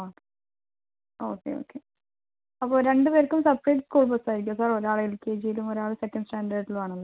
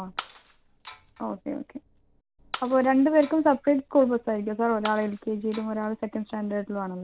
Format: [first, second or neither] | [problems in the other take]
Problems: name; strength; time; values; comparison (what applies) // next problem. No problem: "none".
first | background sound (Shatter); 19 dB below the speech